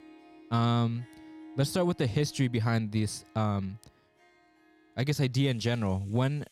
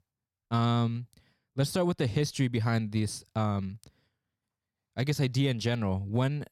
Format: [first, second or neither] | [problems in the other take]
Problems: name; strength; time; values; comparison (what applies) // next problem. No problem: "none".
second | background music; faint; throughout; 25 dB below the speech